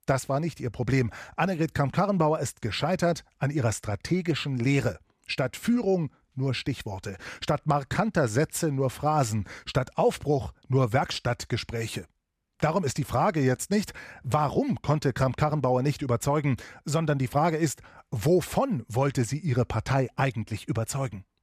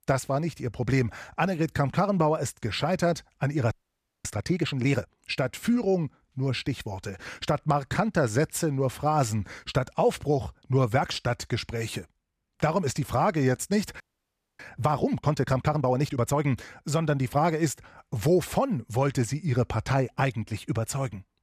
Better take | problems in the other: first | audio freezing; at 3.5 s for 0.5 s and at 14 s for 0.5 s

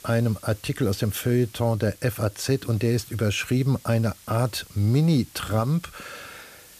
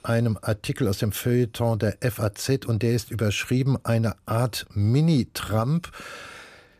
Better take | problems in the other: second | hiss; faint; throughout; 25 dB below the speech

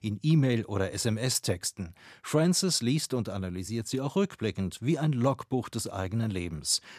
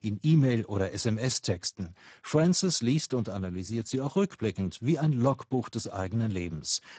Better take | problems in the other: first | garbled, watery; badly; nothing above 8 kHz

